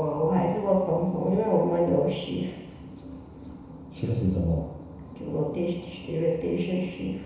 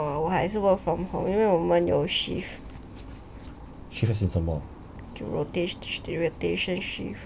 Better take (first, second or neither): second